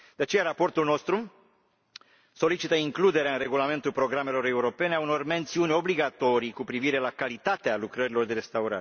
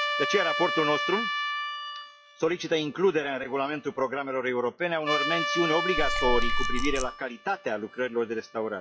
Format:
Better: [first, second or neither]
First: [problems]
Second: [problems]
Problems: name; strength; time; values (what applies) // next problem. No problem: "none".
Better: first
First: none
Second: noise reduction (classical method log-MMSE)